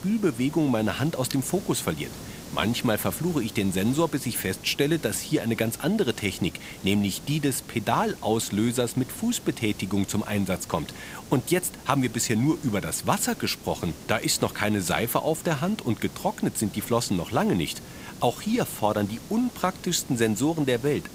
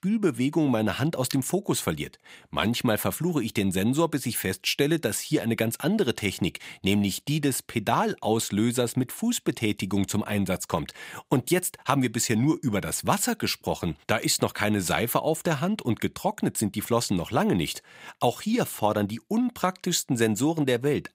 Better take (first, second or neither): second